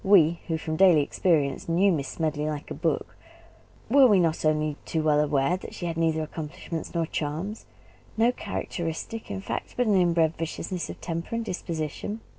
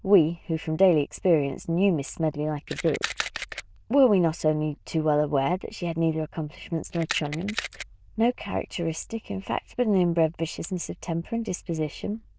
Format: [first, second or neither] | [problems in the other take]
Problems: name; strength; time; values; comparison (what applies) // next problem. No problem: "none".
first | noise reduction (neural diffusion model UNIVERSE++)